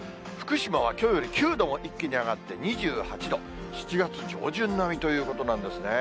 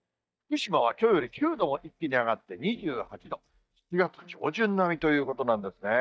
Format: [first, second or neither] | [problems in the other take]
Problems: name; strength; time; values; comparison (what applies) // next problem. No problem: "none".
first | noise reduction (neural mask model DeepFilterNet 3)